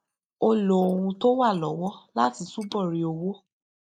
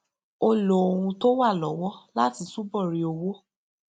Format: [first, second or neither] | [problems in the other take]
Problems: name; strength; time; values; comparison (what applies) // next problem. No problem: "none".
second | noise reduction (neural mask model Resemble Enhance denoiser)